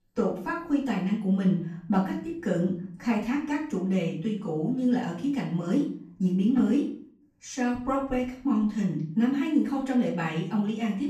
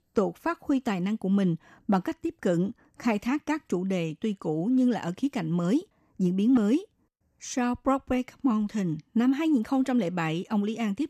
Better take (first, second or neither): second